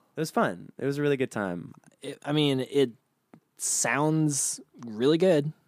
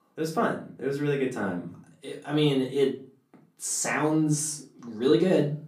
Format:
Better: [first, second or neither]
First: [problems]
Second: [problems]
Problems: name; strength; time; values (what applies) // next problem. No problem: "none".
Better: first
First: none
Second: off-mic speech; far // room echo; slight; dies away in 0.3 s